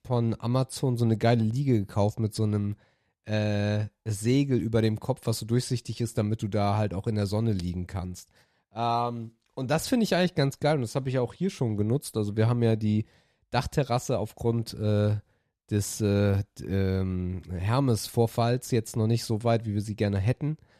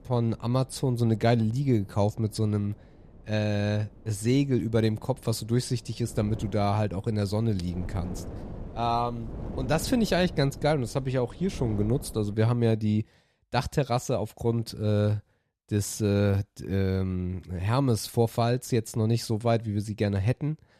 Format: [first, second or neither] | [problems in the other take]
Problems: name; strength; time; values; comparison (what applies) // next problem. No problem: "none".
first | wind noise on the microphone; occasional gusts; until 12 s; 20 dB below the speech